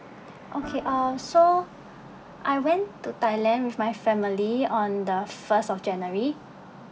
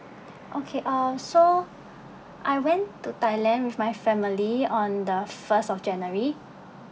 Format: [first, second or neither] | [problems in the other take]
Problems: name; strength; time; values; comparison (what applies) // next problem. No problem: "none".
second | background sound (Organ); 15 dB below the speech